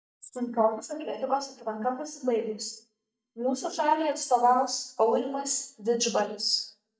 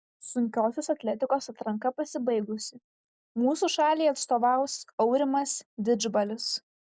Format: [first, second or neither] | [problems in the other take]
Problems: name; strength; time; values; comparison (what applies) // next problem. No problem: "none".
second | noise reduction (neural mask model DeepFilterNet 3)